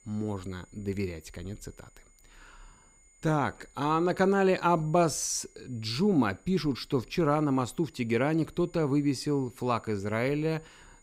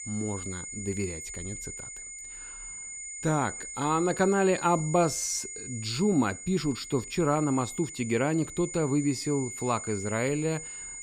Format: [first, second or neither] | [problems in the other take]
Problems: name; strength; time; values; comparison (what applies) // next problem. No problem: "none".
first | high-pitched whine; loud; throughout; 7 kHz, 9 dB below the speech; faint in the first